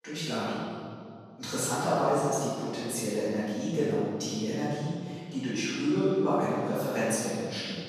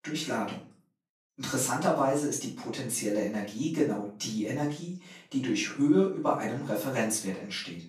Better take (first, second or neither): second